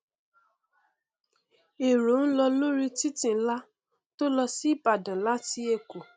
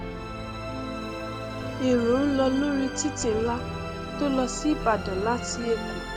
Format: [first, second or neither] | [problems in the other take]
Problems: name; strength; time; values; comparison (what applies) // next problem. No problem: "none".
first | background sound (Musical instrument); 5 dB below the speech